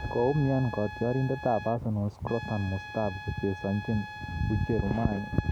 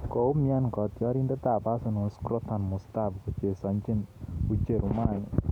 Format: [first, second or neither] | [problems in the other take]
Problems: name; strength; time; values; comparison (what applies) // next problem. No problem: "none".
second | background sound (Trumpet); 13 dB below the speech